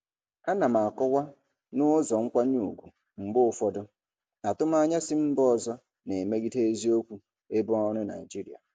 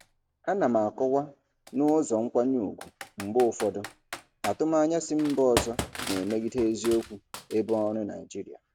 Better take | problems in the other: first | background sound (Computer keyboard); 13 dB below the speech

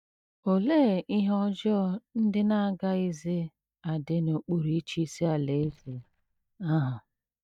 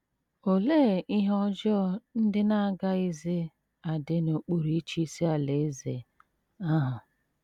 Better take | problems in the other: second | noise reduction (neural mask model DeepFilterNet 3)

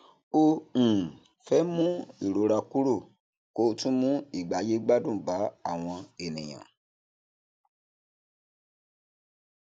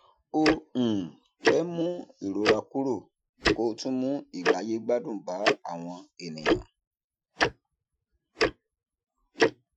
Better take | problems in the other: first | noise reduction (classical method Wiener filter)

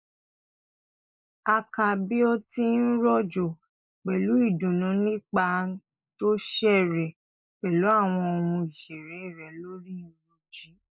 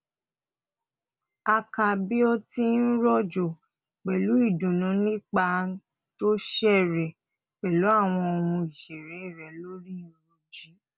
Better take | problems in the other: second | noise reduction (neural mask model Resemble Enhance denoiser)

